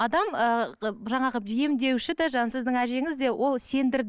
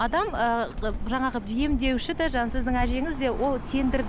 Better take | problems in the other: first | background sound (Bird); 5 dB below the speech

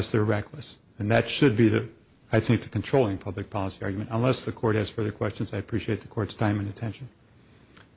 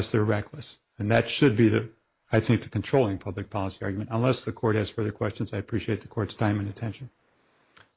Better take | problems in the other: first | noise reduction (neural mask model Resemble Enhance denoiser)

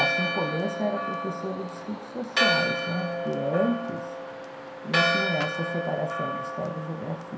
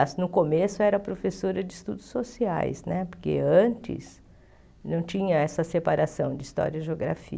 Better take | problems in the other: second | background sound (Church bell); 2 dB above the speech // room echo; dies away in 0.5 s

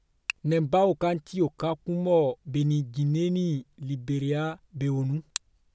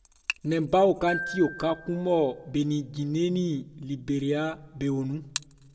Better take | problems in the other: first | background sound (Glockenspiel); 14 dB below the speech // room echo; dies away in 0.4 s

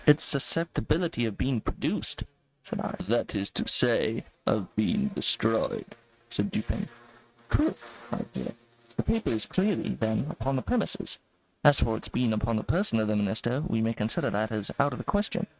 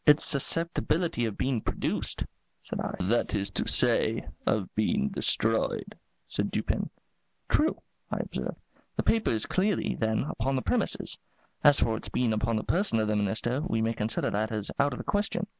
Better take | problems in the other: second | noise reduction (neural mask model RNNoise)

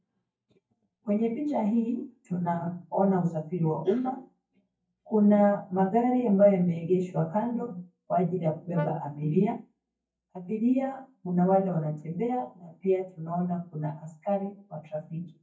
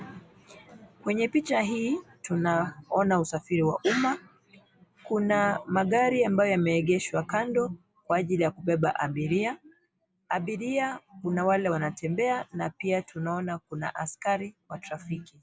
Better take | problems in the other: second | noise reduction (neural mask model DeepFilterNet 3)

